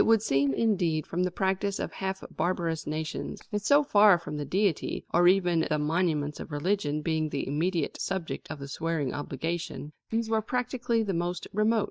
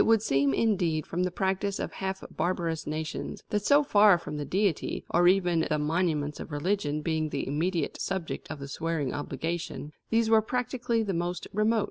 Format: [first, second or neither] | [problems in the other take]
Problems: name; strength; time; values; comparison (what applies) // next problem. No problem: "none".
second | noise reduction (neural mask model DeepFilterNet 3)